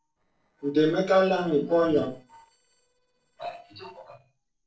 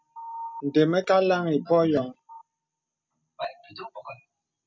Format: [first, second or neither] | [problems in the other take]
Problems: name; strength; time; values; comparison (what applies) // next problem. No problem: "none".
second | noise reduction (neural separator model SepFormer DNS4)